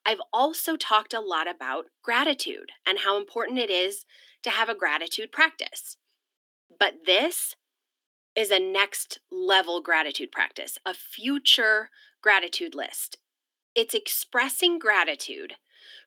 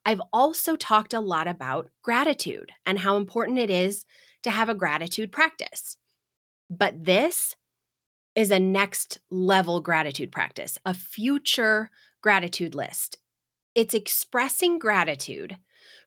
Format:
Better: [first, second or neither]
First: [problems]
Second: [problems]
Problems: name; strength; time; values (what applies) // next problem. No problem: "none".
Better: second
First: thin; somewhat; fading below 250 Hz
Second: none